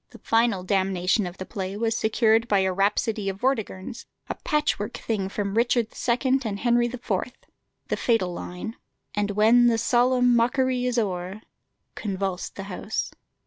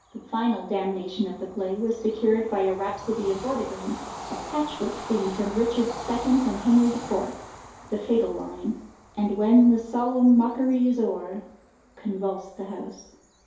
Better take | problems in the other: first | background sound (Train / Bird vocalization, bird call, bird song); 16 dB below the speech // room echo; dies away in 2.4 s

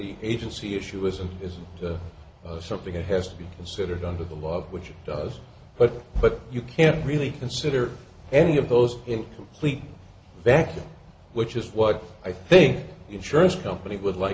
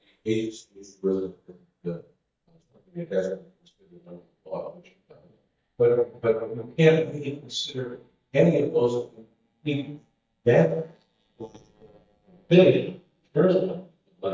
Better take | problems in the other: first | noise reduction (neural mask model DeepFilterNet 3)

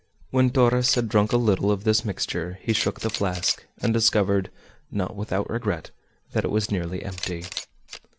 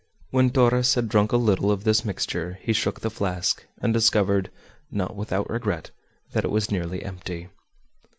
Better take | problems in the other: second | background sound (Camera); 16 dB below the speech

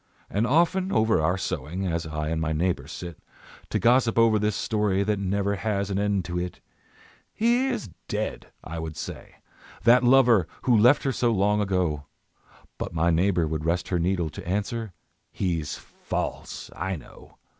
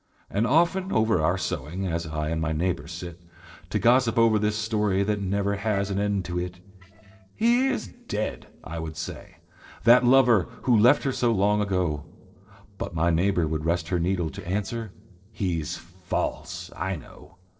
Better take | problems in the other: first | noise reduction (neural separator model SepFormer DNS4)

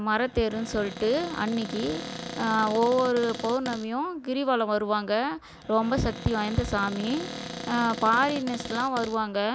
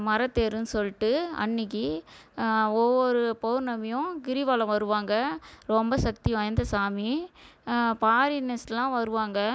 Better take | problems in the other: second | background sound (Cupboard open or close); 11 dB below the speech

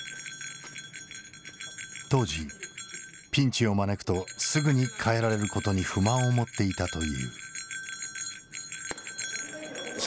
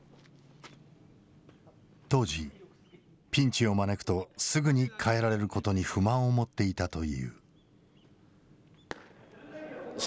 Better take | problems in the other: second | background sound (Bell); 10 dB below the speech

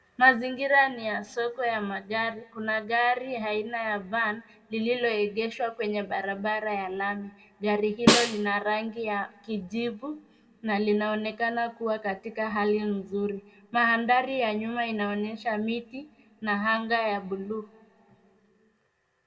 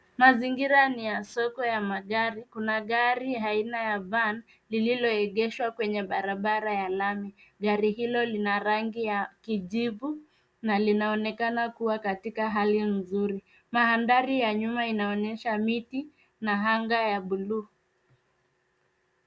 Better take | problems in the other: second | background sound (Snare drum); 2 dB above the speech // room echo; dies away in 1.2 s

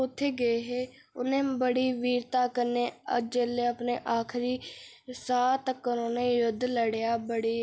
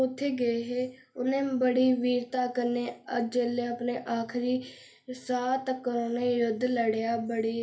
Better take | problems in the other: first | room echo; dies away in 0.3 s

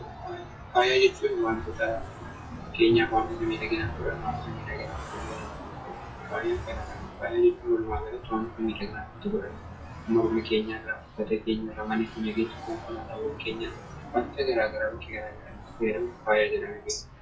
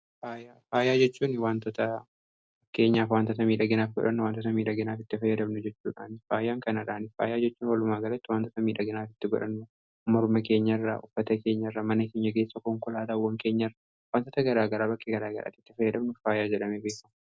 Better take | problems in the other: second | noise reduction (classical method WPE with log-MMSE)

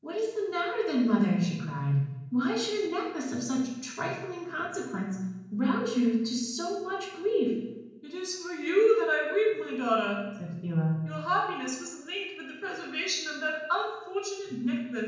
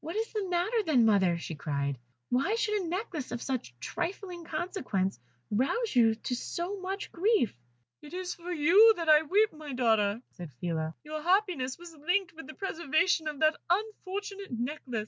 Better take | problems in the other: second | room echo; dies away in 1 s

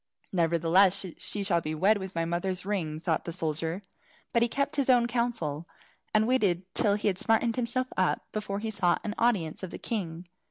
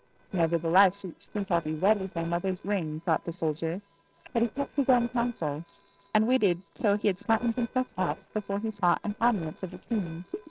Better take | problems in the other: first | noise reduction (neural separator model SepFormer DNS4)

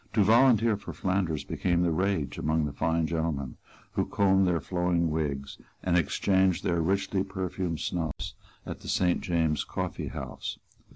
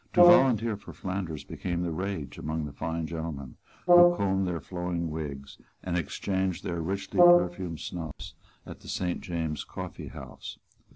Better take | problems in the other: first | background sound (Brass instrument); 4 dB above the speech

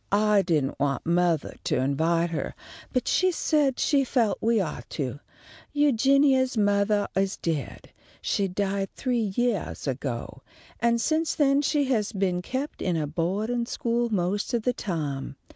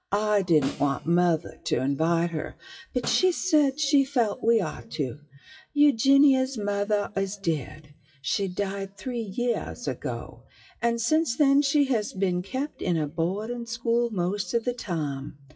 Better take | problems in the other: first | noise reduction (classical method WPE with log-MMSE)

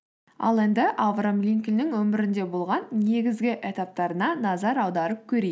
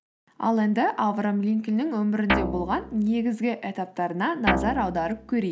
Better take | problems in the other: first | background sound (Guitar); 3 dB below the speech

